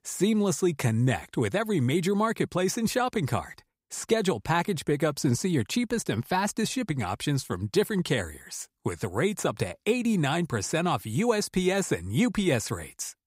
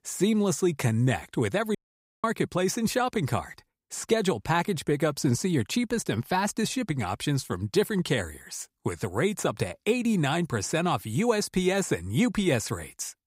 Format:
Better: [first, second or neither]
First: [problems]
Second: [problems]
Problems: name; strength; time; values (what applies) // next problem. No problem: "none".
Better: first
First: none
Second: audio cutting out; at 2 s